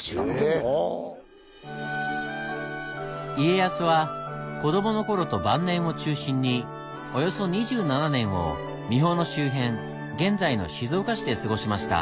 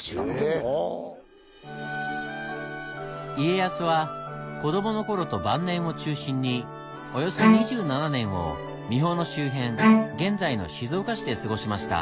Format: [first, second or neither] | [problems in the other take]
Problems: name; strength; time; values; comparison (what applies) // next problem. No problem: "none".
first | background sound (Bowed string instrument); 3 dB above the speech